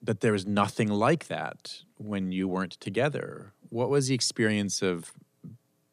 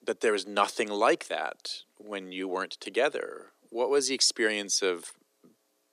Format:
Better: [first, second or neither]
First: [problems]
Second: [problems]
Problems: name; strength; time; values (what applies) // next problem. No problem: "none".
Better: first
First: none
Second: thin; somewhat; fading below 350 Hz